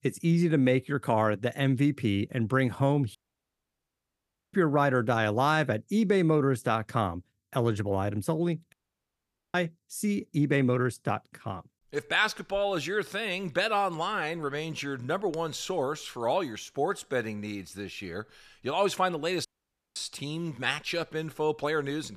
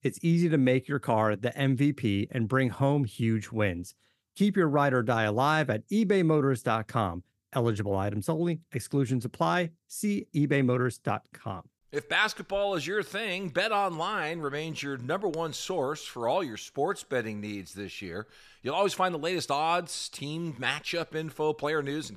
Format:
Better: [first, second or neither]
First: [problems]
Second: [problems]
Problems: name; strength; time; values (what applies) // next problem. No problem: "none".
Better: second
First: audio cutting out; at 3 s for 1.5 s, at 8.5 s for 1 s and at 19 s for 0.5 s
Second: none